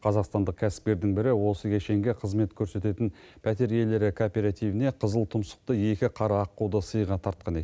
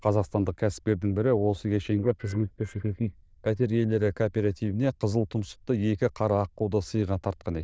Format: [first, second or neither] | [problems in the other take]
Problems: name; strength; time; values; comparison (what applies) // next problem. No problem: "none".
first | noise reduction (neural diffusion model UNIVERSE++)